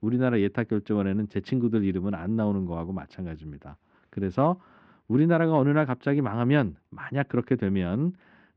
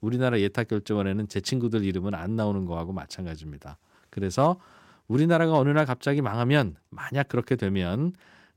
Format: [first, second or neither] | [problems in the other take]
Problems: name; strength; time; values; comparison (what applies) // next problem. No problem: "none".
second | muffled; very; fading above 2.5 kHz